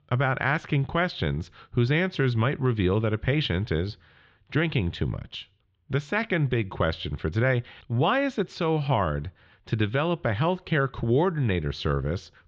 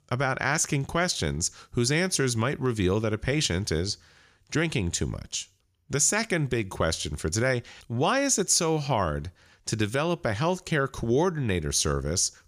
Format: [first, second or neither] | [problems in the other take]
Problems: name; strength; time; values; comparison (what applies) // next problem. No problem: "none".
second | muffled; very; fading above 3.5 kHz